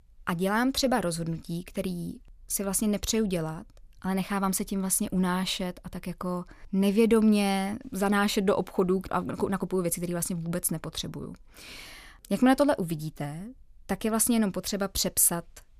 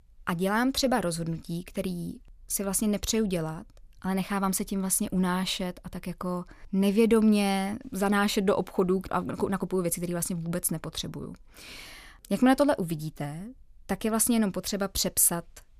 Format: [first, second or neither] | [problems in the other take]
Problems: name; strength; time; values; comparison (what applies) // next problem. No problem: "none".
neither | none